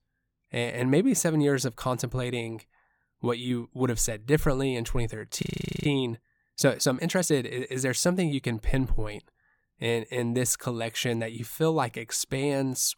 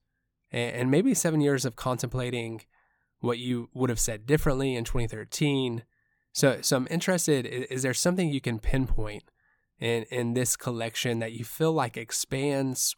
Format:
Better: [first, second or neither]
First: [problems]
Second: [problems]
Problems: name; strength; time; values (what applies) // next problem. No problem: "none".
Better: second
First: audio freezing; at 5.5 s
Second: none